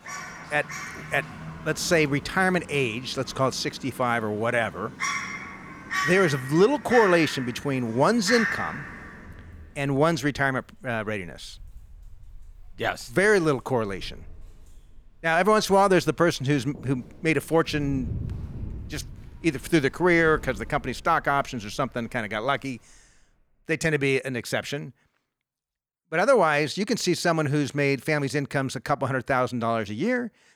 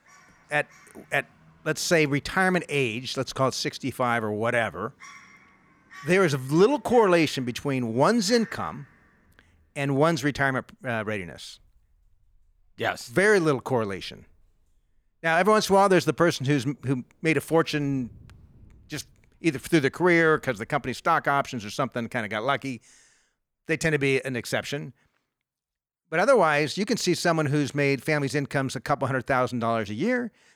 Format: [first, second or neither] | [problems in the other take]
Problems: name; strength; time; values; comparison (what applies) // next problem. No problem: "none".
second | animal sounds; loud; until 23 s; 9 dB below the speech; faint in the second